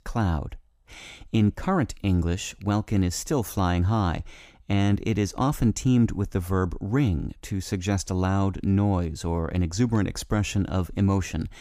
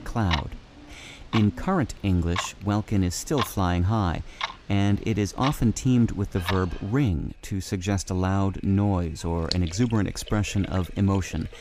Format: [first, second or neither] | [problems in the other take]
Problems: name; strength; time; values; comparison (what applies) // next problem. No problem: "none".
first | household noises; loud; throughout; 10 dB below the speech